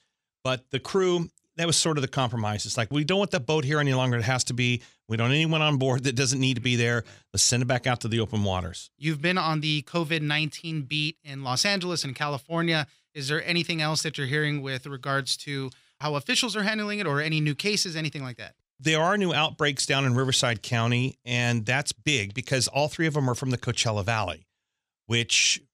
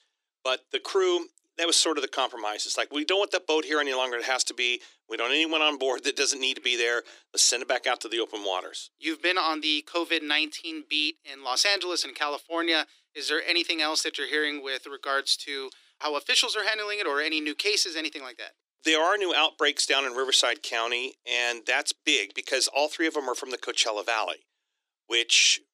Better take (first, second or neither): first